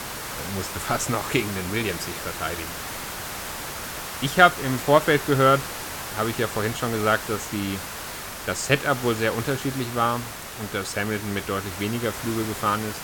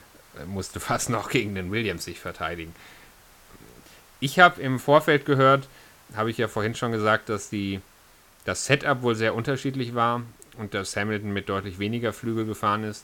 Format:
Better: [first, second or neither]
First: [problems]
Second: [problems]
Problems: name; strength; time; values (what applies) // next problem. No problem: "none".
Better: second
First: hiss; loud; throughout; 8 dB below the speech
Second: hiss; faint; throughout; 30 dB below the speech